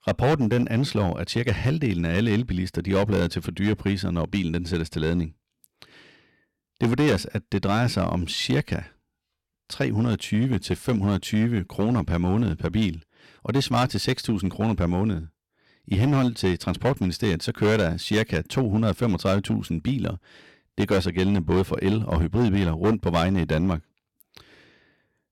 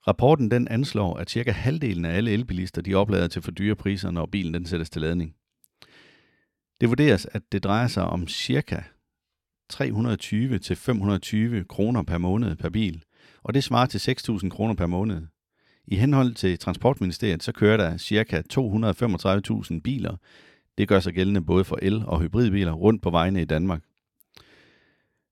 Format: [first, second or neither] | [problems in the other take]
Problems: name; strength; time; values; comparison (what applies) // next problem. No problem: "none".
second | distortion; slight; 8% of the sound clipped